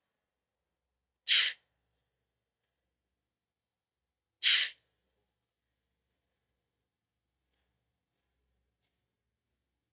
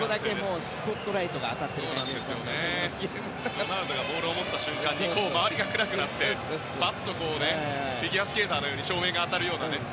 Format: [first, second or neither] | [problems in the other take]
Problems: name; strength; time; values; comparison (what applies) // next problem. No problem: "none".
second | noise reduction (neural mask model DeepFilterNet 3)